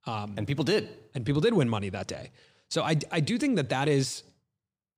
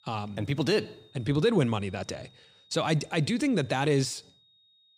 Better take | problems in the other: first | high-pitched whine; faint; throughout; 3.5 kHz, 30 dB below the speech

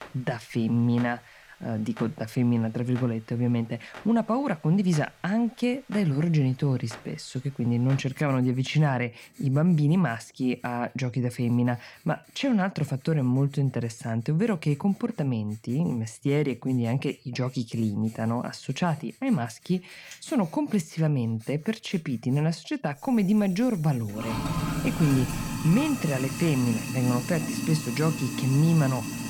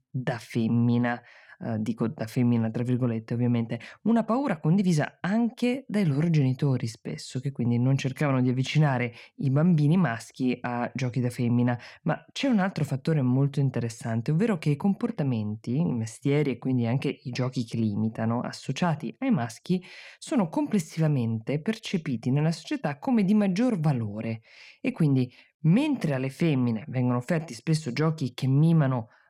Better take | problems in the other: second | household noises; loud; throughout; 7 dB below the speech

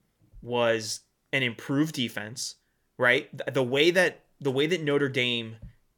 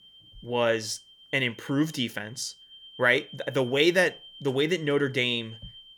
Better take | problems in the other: first | high-pitched whine; faint; throughout; 3 kHz, 20 dB below the speech

